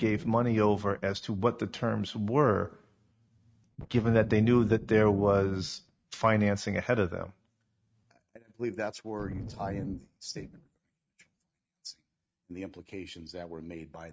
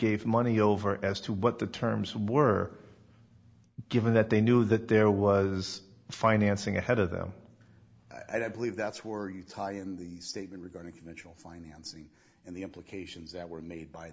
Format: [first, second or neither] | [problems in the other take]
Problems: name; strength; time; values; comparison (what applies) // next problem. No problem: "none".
second | noise reduction (neural mask model RNNoise)